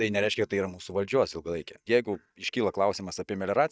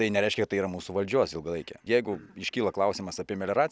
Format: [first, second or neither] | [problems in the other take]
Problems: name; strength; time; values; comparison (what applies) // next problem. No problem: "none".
second | noise reduction (neural mask model DeepFilterNet 3)